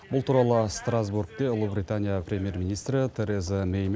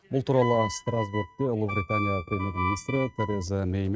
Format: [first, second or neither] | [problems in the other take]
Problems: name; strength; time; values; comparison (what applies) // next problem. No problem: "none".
first | noise reduction (neural mask model RNNoise)